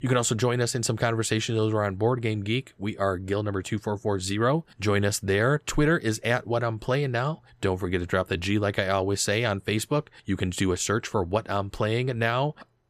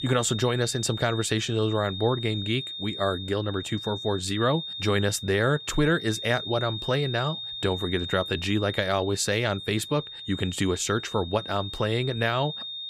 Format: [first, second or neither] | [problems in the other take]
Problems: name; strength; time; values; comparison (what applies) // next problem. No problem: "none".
first | high-pitched whine; loud; throughout; 3.5 kHz, 8 dB below the speech